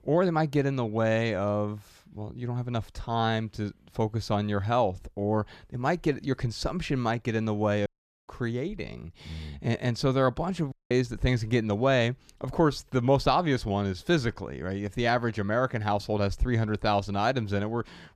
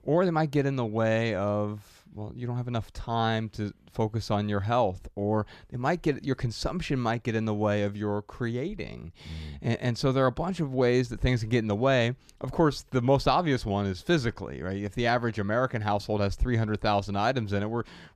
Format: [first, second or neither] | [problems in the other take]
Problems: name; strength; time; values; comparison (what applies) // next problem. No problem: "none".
second | audio cutting out; at 8 s and at 11 s